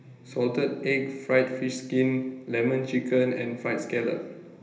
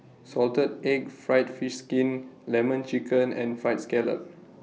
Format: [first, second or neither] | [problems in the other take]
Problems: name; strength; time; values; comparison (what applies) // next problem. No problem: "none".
second | room echo; dies away in 1 s